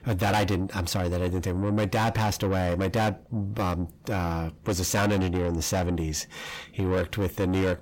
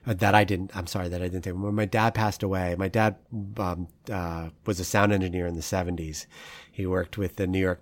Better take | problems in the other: second | distortion; heavy; 6 dB below the speech

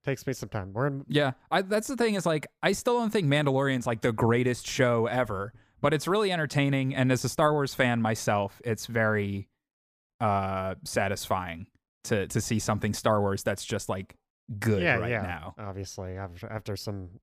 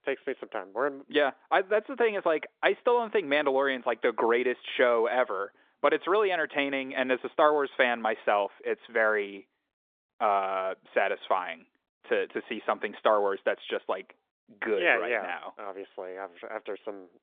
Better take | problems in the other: first | phone-call audio

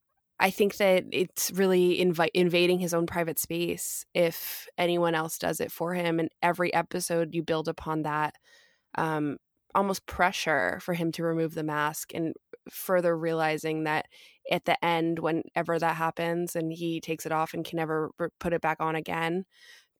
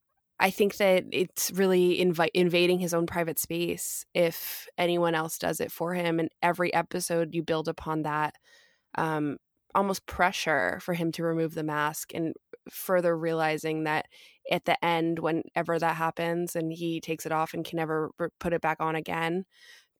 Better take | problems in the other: neither | none

